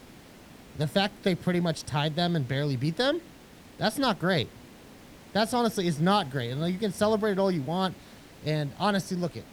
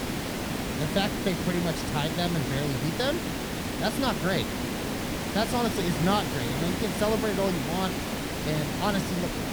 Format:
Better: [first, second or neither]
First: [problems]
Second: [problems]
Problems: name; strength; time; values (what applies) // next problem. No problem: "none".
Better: first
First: hiss; faint; throughout; 20 dB below the speech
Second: hiss; loud; throughout; 1 dB below the speech